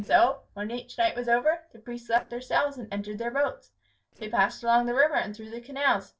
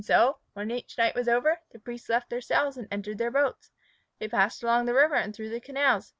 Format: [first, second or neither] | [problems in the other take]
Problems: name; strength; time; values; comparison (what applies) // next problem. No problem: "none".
second | noise reduction (neural separator model SepFormer DNS4)